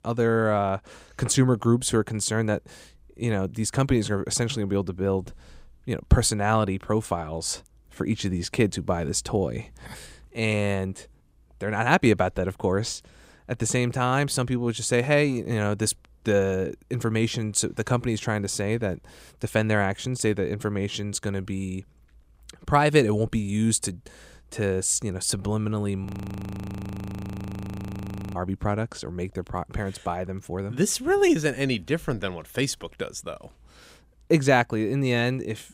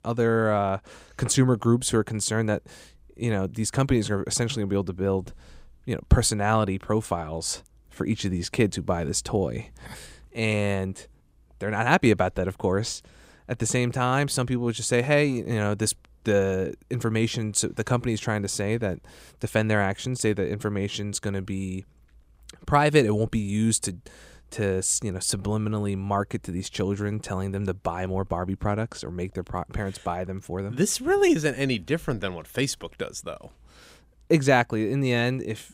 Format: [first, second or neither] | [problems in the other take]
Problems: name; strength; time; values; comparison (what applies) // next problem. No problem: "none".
second | audio freezing; at 26 s for 2.5 s